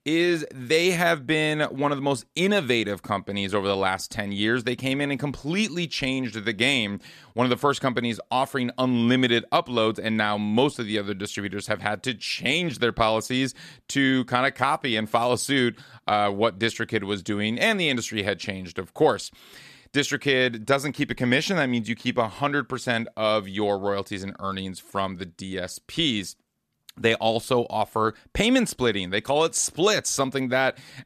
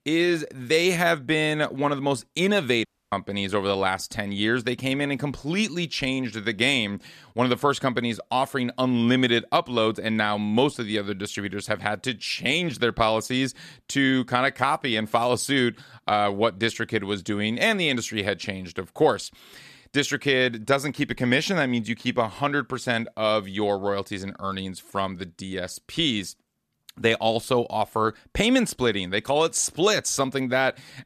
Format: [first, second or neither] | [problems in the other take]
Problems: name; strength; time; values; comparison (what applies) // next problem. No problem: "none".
first | audio cutting out; at 3 s